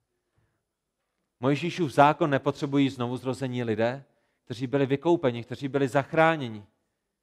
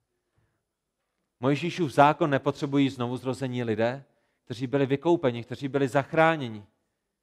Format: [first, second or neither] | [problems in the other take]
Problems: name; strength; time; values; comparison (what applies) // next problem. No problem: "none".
neither | none